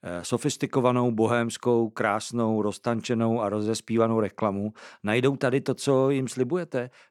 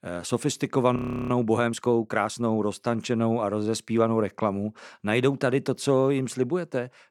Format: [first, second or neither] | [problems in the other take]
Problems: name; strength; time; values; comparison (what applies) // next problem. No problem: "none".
first | audio freezing; at 1 s